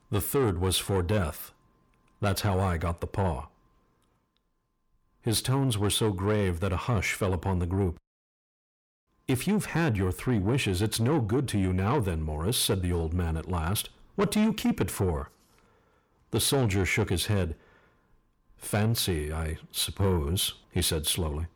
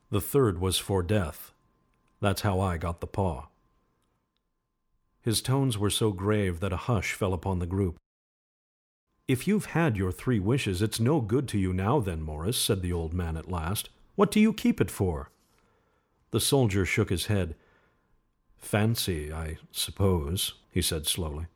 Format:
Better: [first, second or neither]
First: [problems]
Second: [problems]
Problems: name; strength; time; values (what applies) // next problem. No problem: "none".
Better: second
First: distortion; slight; 10 dB below the speech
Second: none